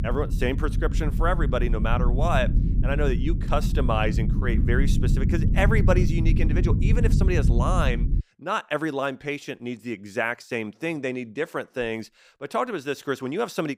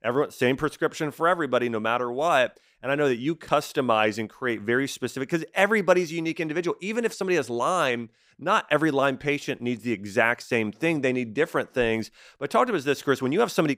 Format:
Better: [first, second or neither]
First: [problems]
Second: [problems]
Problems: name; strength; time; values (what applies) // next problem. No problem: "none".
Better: second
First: low rumble; loud; until 8 s; 9 dB below the speech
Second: none